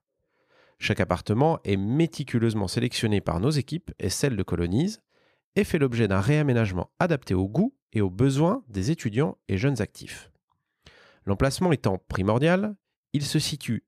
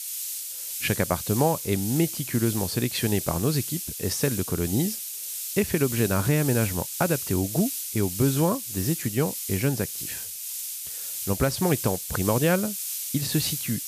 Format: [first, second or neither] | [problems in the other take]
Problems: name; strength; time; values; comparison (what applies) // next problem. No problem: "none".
first | hiss; loud; throughout; 4 dB below the speech